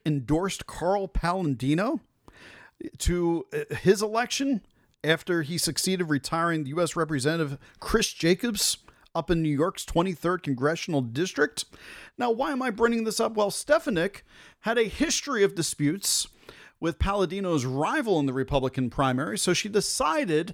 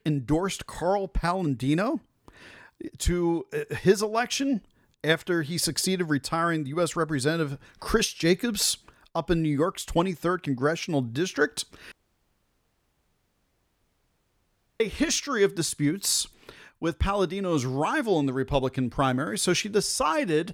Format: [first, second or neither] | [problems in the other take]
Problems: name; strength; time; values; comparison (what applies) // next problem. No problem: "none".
first | audio cutting out; at 12 s for 3 s